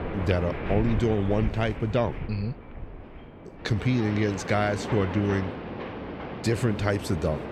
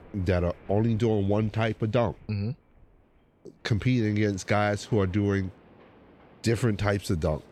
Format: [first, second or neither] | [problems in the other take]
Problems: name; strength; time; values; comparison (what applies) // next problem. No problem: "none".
second | train or aircraft noise; loud; throughout; 8 dB below the speech; faint in the second